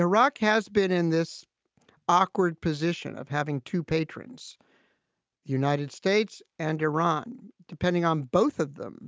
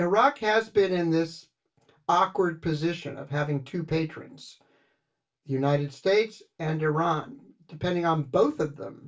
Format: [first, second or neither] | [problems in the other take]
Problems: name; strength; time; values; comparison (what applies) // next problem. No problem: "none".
first | room echo; dies away in 0.2 s